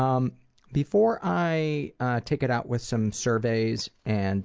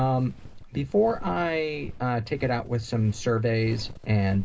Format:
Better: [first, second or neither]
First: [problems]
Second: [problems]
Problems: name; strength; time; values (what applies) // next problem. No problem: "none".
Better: first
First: none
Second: background sound (Walk, footsteps); 15 dB below the speech // room echo; dies away in 0.2 s